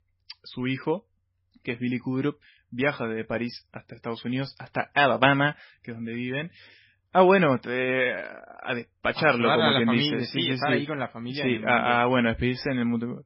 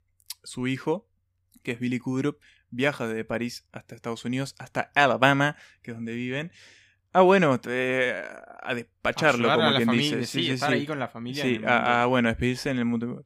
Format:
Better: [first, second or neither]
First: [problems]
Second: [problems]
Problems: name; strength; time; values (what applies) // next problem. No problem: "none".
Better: second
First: garbled, watery; badly; nothing above 5.5 kHz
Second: none